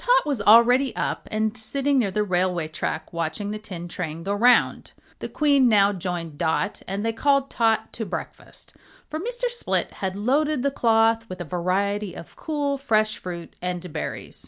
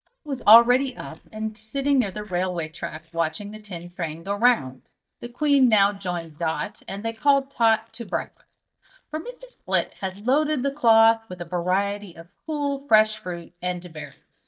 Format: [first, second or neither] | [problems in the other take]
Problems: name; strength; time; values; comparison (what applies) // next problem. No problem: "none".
first | noise reduction (neural mask model DeepFilterNet 3)